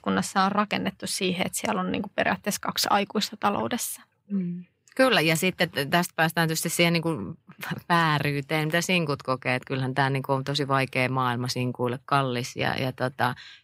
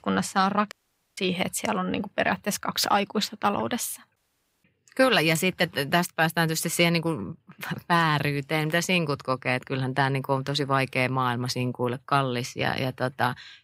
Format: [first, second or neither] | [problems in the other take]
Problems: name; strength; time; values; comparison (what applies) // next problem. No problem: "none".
first | audio cutting out; at 0.5 s and at 4 s